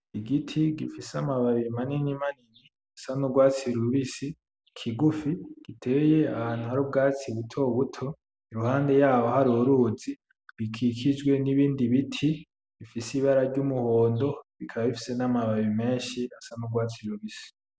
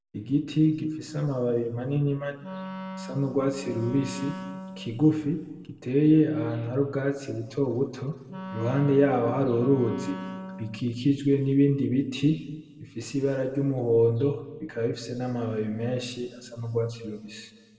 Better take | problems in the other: first | background sound (Wind instrument, woodwind instrument); 13 dB below the speech // room echo; dies away in 1.6 s

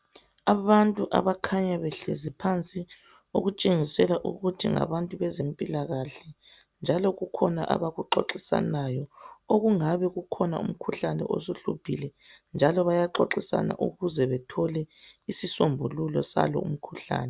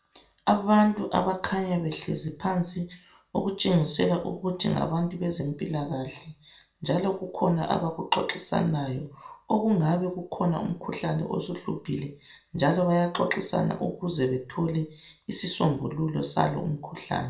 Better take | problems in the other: first | room echo; dies away in 0.3 s

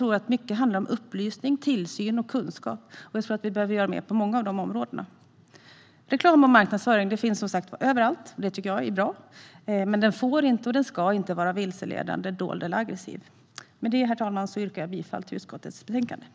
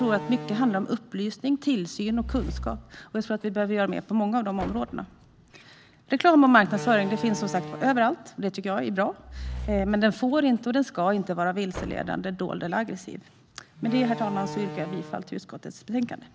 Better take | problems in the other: first | background sound (Slam); 13 dB below the speech

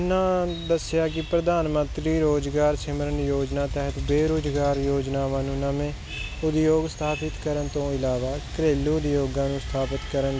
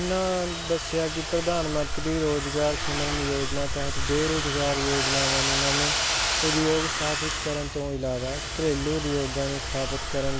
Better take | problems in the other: first | background sound (Domestic sounds, home sounds); 1 dB below the speech

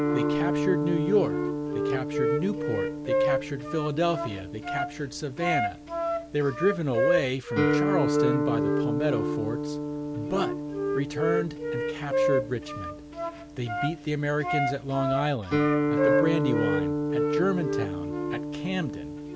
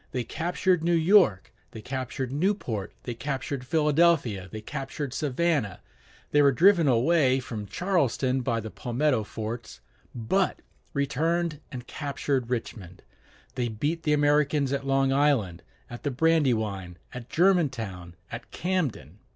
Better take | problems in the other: second | background sound (Guitar + Wind instrument, woodwind instrument); 3 dB above the speech

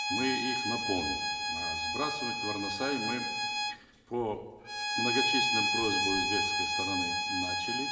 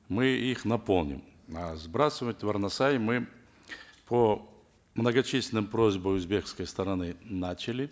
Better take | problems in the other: second | background sound (Bowed string instrument); 4 dB above the speech // room echo; dies away in 2.9 s

